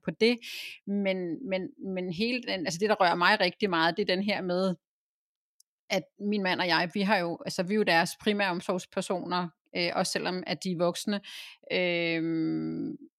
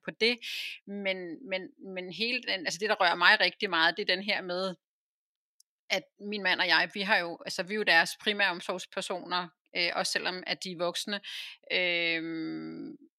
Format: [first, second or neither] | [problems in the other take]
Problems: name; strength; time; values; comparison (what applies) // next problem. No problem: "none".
first | thin; somewhat; fading below 850 Hz